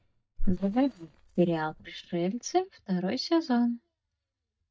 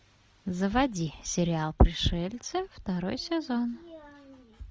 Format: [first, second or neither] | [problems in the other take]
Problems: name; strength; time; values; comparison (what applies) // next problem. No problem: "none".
second | noise reduction (neural mask model DeepFilterNet 3)